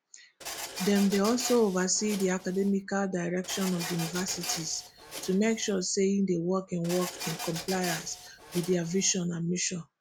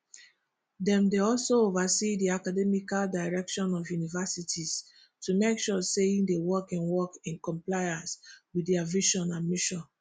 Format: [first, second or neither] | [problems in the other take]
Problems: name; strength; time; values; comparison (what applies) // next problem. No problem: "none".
second | background sound (Printer); 11 dB below the speech